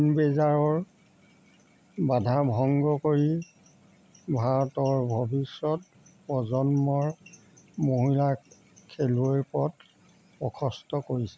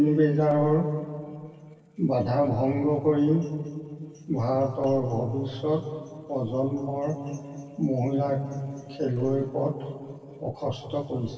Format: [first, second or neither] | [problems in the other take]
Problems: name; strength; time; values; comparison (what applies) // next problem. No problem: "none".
first | noise reduction (neural separator model SepFormer DNS4)